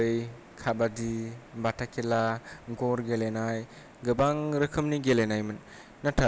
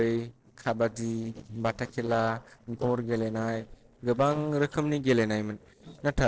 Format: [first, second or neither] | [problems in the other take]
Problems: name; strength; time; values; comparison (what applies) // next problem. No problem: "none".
first | noise reduction (neural separator model SepFormer DNS4)